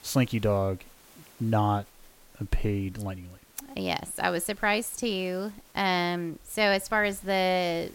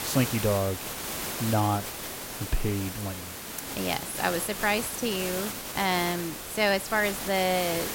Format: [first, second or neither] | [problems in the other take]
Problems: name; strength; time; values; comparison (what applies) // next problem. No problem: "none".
first | hiss; loud; throughout; 5 dB below the speech; faint in the first